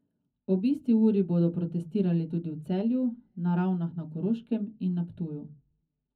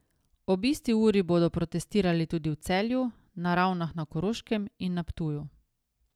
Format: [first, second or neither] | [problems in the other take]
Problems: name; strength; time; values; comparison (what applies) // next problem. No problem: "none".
second | room echo; dies away in 0.4 s